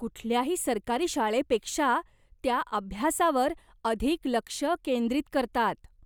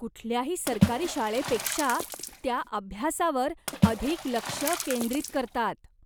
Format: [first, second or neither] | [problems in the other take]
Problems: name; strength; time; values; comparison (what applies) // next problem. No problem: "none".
first | background sound (Water / Splash, splatter); 1 dB below the speech